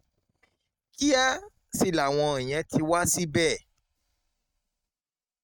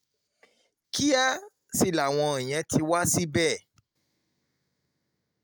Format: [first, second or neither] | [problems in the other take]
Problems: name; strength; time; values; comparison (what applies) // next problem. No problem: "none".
second | noise reduction (neural mask model RNNoise)